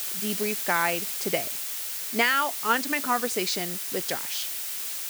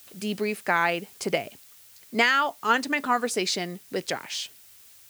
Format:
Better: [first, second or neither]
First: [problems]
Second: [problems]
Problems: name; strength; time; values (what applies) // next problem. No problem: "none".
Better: second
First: hiss; loud; throughout; 2 dB below the speech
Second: hiss; faint; throughout; 25 dB below the speech